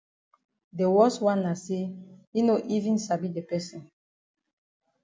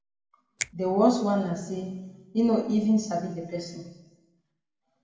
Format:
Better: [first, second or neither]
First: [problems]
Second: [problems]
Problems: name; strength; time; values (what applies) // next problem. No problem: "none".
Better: first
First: none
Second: background sound (Finger snapping); 15 dB below the speech // room echo; dies away in 0.9 s